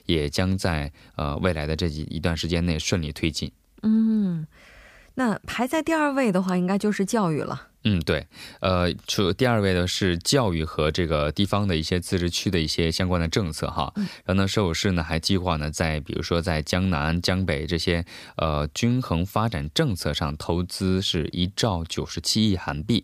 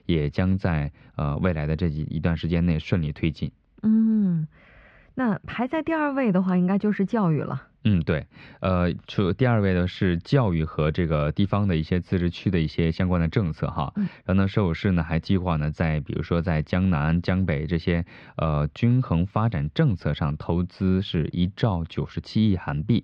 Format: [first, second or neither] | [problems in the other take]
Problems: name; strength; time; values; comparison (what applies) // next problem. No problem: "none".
first | muffled; slightly; fading above 2.5 kHz